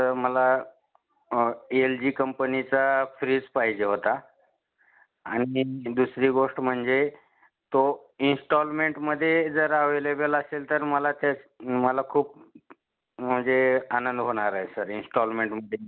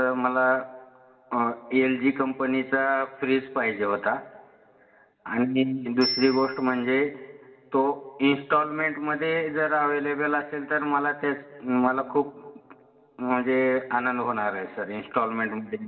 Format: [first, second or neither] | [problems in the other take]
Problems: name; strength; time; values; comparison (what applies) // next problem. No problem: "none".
first | background sound (Bicycle bell); 19 dB below the speech // room echo; dies away in 2.3 s